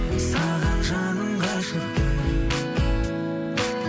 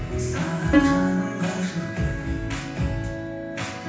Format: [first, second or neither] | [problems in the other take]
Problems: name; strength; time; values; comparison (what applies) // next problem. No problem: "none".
first | background sound (Plucked string instrument); 2 dB above the speech // room echo; dies away in 0.9 s